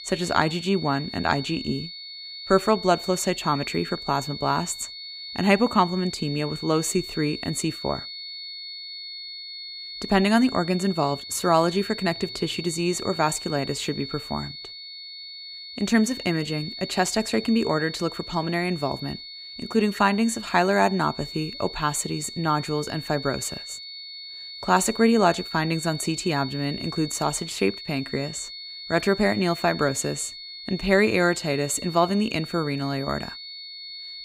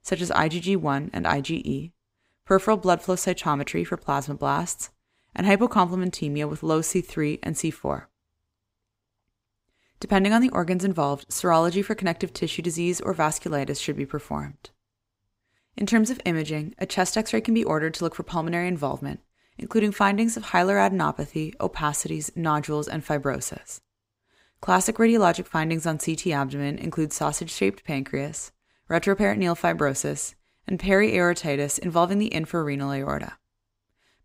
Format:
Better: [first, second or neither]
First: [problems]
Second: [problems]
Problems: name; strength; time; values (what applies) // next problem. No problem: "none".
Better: second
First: high-pitched whine; noticeable; throughout; 4.5 kHz, 10 dB below the speech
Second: none